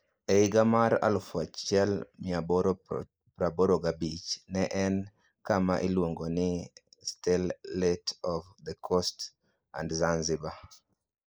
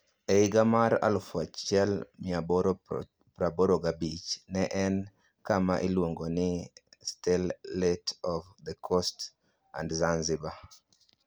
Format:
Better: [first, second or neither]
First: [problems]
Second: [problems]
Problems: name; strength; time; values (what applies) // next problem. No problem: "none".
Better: second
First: noise reduction (neural mask model Resemble Enhance denoiser)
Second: none